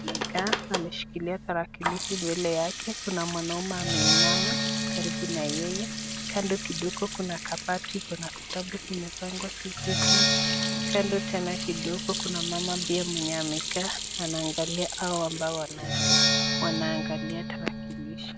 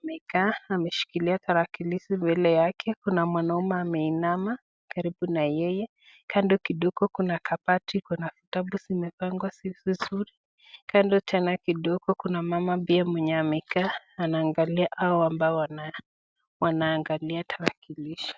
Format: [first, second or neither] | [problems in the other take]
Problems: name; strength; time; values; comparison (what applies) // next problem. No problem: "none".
second | background sound (Percussion + Sink (filling or washing) / Hands); 3 dB above the speech